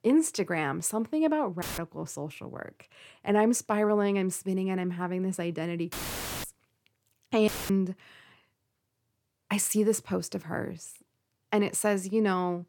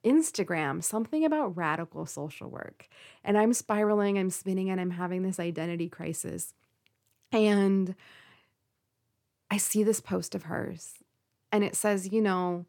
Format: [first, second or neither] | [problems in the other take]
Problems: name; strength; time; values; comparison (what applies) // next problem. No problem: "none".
second | audio cutting out; filled with static; at 1.5 s, at 6 s for 0.5 s and at 7.5 s